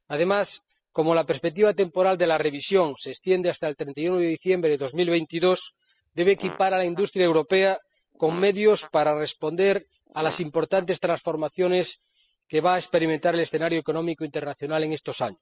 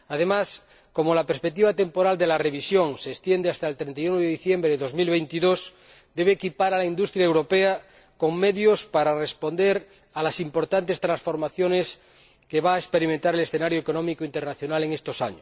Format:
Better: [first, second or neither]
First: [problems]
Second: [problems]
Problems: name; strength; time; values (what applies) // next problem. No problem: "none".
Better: second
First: noise reduction (classical method spectral subtraction)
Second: none